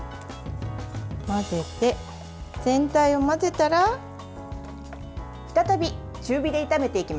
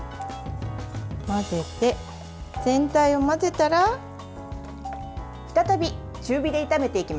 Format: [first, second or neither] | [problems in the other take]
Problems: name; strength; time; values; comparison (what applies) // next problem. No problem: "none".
first | background sound (Marimba, xylophone); 20 dB below the speech